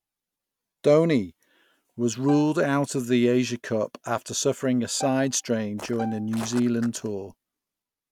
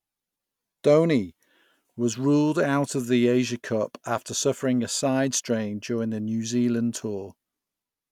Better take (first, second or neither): second